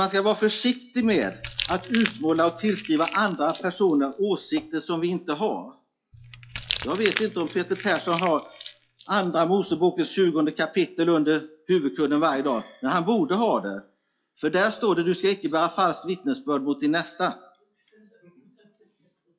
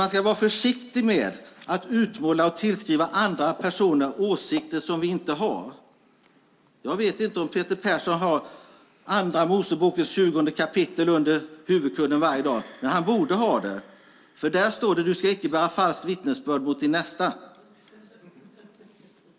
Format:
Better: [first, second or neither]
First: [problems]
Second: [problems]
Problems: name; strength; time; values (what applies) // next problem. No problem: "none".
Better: second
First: noise reduction (classical method log-MMSE)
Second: none